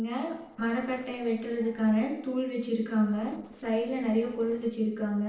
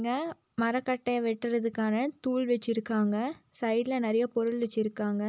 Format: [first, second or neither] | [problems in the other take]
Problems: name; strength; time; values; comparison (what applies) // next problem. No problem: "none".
second | noise reduction (neural separator model SepFormer DNS4)